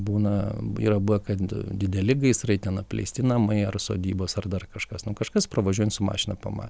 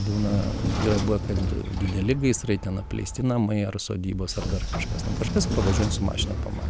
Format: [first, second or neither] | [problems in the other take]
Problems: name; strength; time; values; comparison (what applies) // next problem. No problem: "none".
first | background sound (Sliding door / Train); 3 dB below the speech